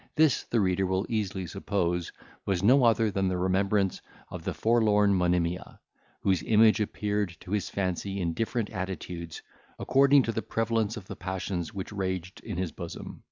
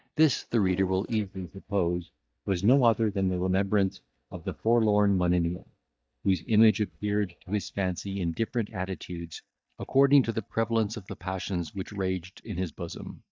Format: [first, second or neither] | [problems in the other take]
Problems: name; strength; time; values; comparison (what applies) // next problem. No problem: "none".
first | noise reduction (neural mask model DeepFilterNet 3)